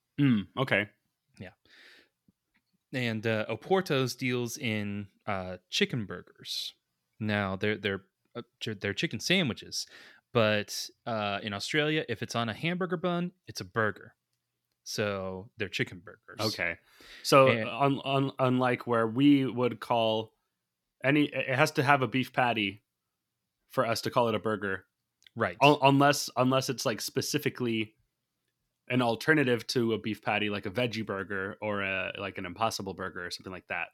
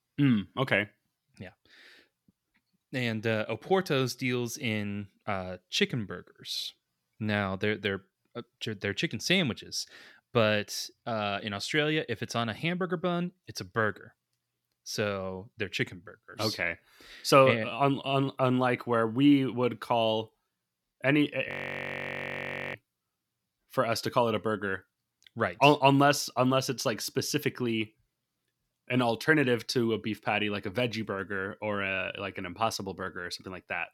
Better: first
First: none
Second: audio freezing; at 21 s for 1.5 s

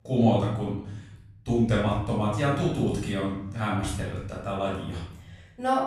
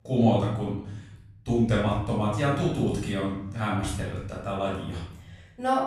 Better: neither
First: room echo; noticeable; dies away in 0.8 s // off-mic speech; far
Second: room echo; noticeable; dies away in 0.8 s // off-mic speech; far

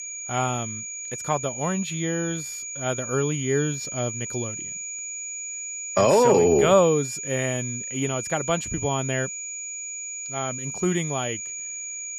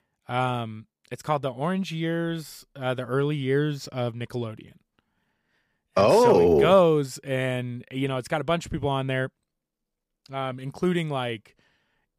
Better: second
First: high-pitched whine; loud; throughout; 7 kHz, 6 dB below the speech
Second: none

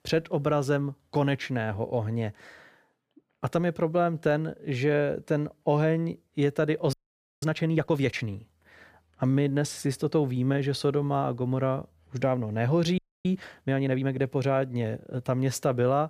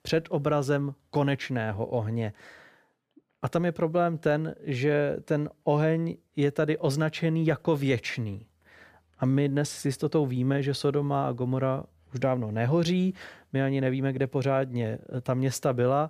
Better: second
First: audio freezing; at 7 s and at 13 s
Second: none

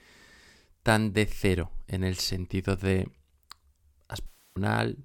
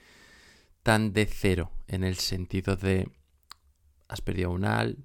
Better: second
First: audio cutting out; at 4.5 s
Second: none

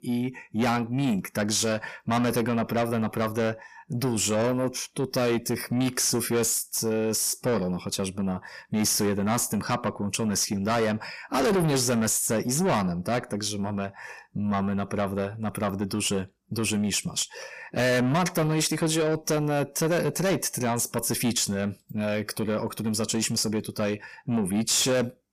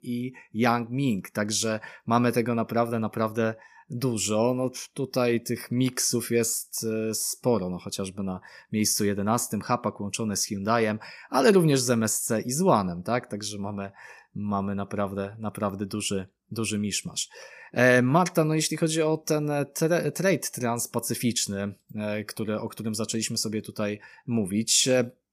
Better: second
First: distortion; heavy; 7 dB below the speech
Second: none

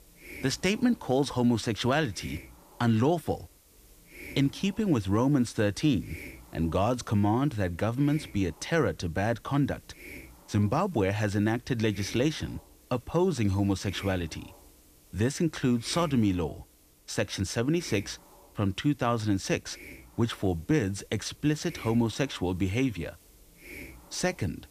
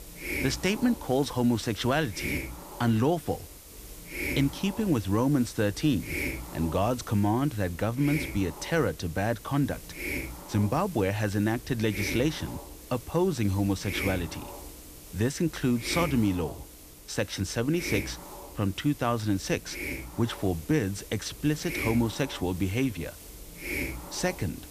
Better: first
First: hiss; faint; throughout; 20 dB below the speech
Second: hiss; loud; throughout; 10 dB below the speech

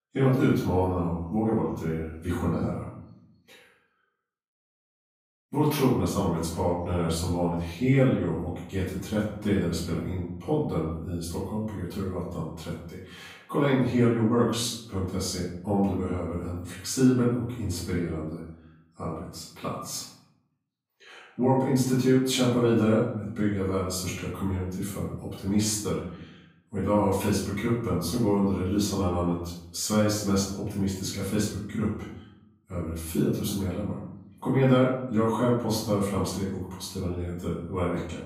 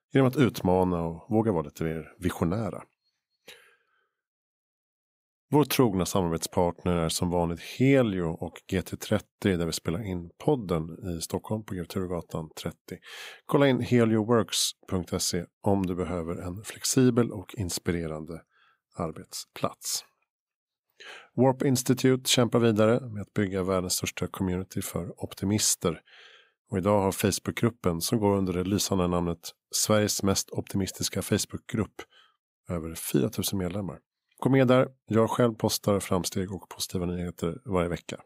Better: second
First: off-mic speech; far // room echo; noticeable; dies away in 0.7 s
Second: none

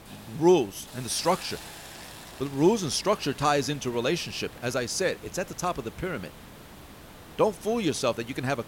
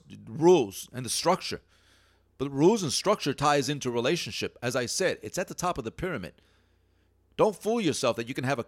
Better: second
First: hiss; noticeable; throughout; 15 dB below the speech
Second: none

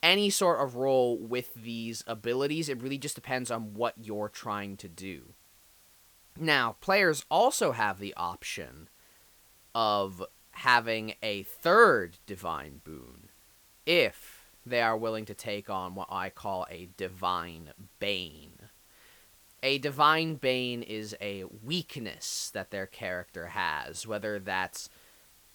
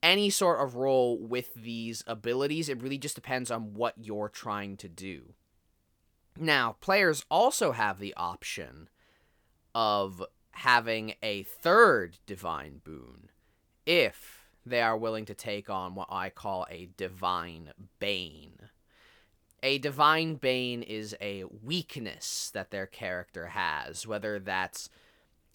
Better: second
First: hiss; faint; throughout; 30 dB below the speech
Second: none

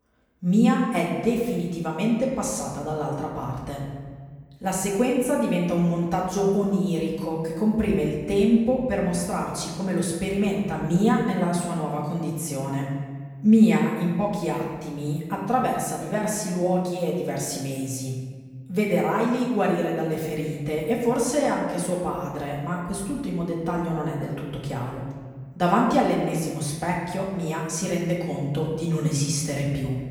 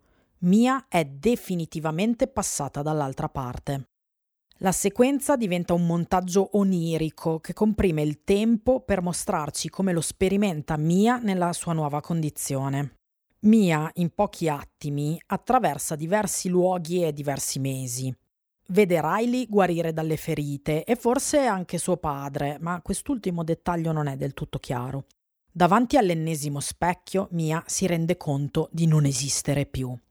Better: second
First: off-mic speech; far // room echo; noticeable; dies away in 1.4 s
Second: none

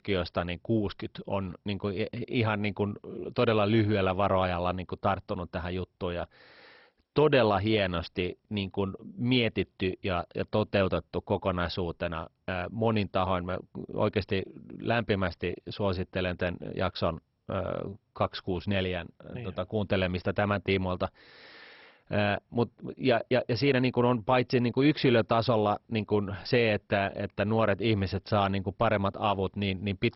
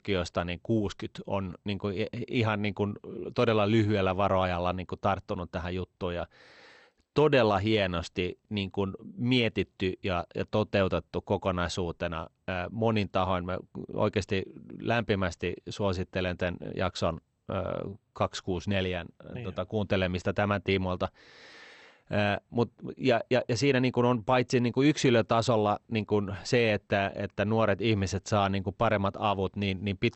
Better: second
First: garbled, watery; badly; nothing above 5.5 kHz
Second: garbled, watery; slightly; nothing above 8 kHz

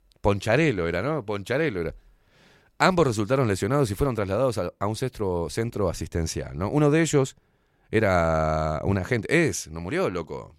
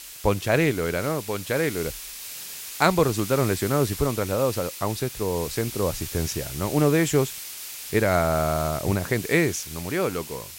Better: first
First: none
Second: hiss; loud; throughout; 10 dB below the speech

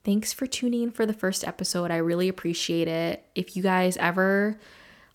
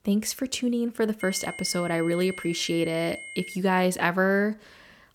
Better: first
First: none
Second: high-pitched whine; noticeable; from 1 to 3.5 s; 2 kHz, 10 dB below the speech

